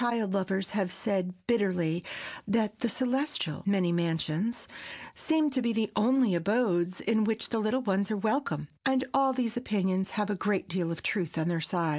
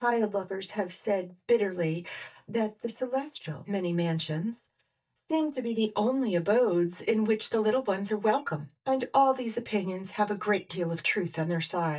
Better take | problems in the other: first | noise reduction (neural mask model DeepFilterNet 3)

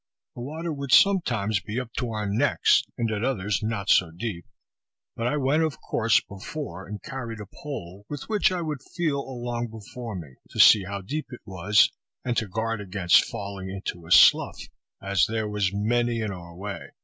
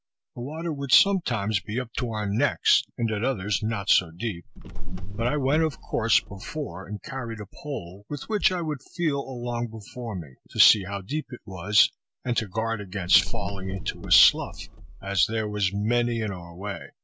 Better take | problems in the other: first | background sound (Car); as loud as the speech

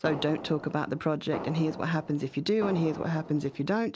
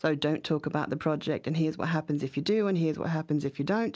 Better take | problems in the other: second | background sound (Fireworks); 12 dB below the speech

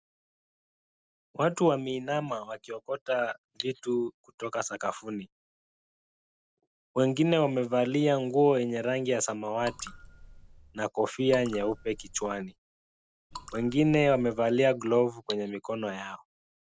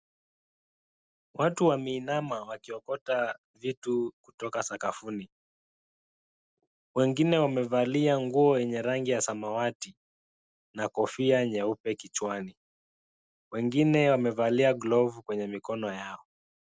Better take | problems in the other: second | background sound (Cutlery, silverware + Raindrop / Drip); 17 dB below the speech

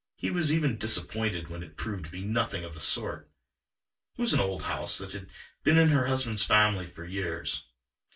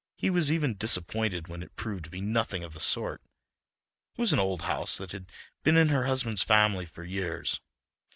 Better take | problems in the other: second | room echo; dies away in 0.2 s

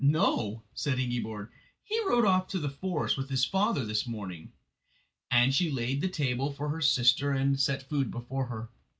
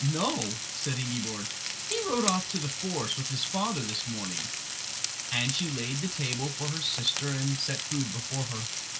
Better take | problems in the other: first | background sound (Frying (food)); 2 dB below the speech

